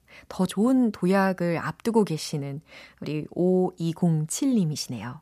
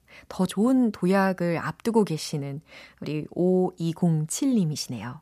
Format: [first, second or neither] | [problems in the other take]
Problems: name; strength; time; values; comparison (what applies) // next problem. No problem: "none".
neither | none